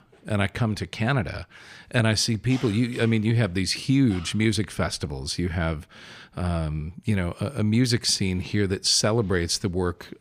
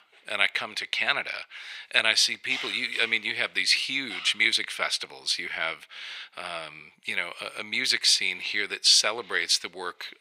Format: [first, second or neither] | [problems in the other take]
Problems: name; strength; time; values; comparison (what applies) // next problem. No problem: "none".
first | thin; very; fading below 750 Hz